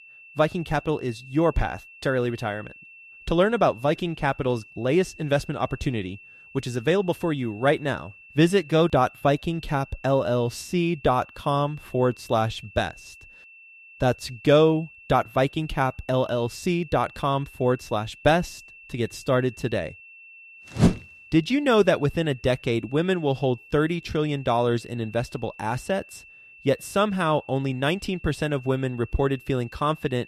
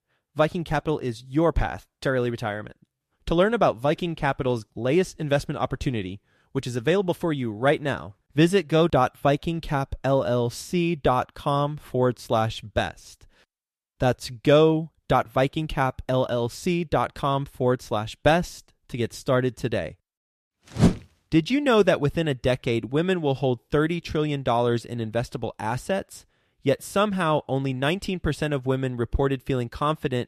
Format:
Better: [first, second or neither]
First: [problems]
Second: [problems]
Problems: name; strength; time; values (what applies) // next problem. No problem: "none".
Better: second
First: high-pitched whine; faint; throughout; 2.5 kHz, 20 dB below the speech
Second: none